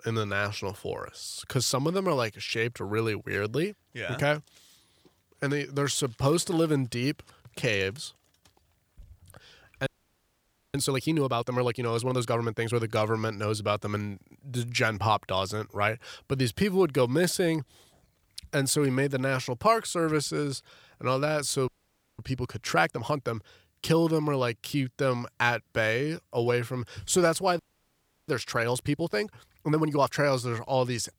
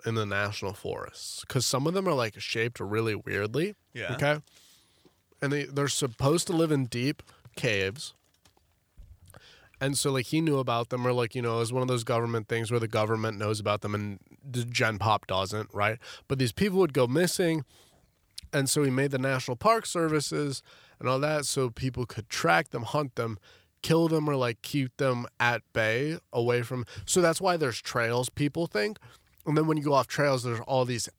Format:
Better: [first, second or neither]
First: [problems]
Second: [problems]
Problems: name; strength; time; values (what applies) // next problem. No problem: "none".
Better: second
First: audio freezing; at 10 s for 1 s, at 22 s for 0.5 s and at 28 s for 0.5 s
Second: none